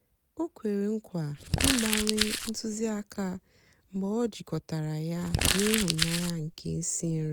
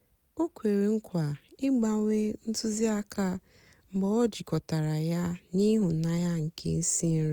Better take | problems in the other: second | background sound (Crumpling, crinkling); 2 dB above the speech

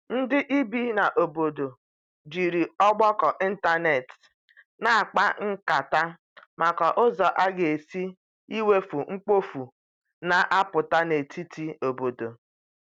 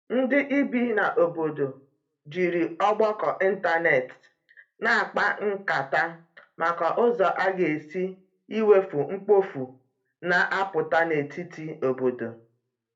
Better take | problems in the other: first | room echo; dies away in 0.3 s

